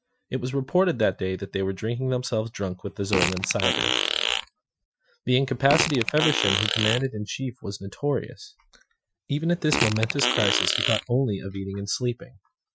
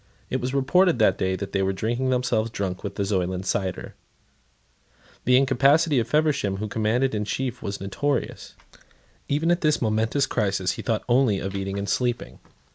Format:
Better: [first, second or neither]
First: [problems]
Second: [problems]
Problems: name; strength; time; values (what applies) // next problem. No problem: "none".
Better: second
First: noise reduction (classical method Wiener filter)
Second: none